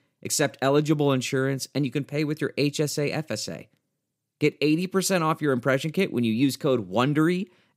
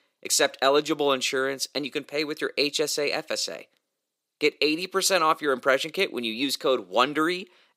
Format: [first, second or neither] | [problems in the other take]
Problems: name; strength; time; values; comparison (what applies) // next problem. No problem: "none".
first | thin; somewhat; fading below 500 Hz